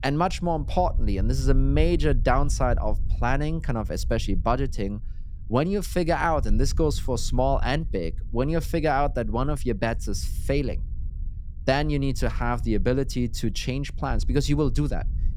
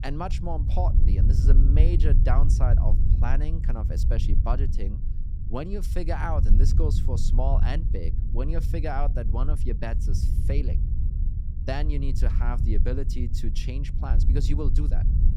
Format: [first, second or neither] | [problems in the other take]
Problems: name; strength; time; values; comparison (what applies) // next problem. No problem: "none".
first | low rumble; loud; throughout; 7 dB below the speech; faint in the first